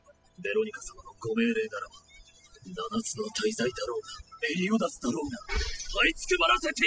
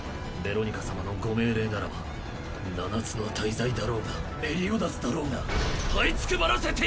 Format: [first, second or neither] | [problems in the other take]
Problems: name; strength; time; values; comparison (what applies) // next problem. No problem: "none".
second | noise reduction (classical method spectral subtraction)